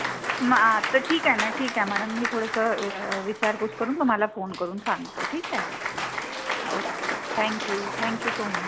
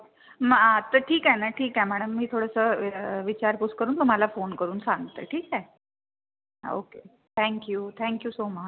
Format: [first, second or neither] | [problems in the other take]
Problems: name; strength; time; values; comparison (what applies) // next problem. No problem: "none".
second | background sound (Applause / Cheering); 4 dB below the speech